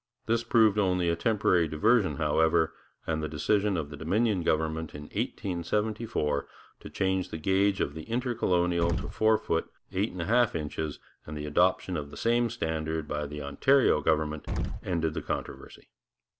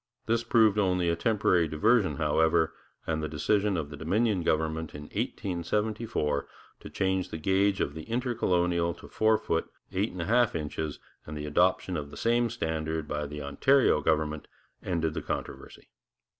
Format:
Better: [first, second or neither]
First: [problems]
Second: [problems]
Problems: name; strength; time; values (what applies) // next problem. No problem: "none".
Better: second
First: background sound (Explosion); 6 dB below the speech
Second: none